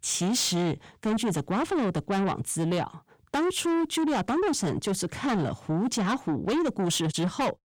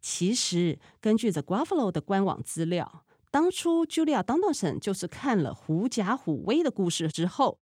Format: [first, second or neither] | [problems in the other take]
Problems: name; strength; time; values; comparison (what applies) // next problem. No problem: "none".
second | distortion; heavy; 8 dB below the speech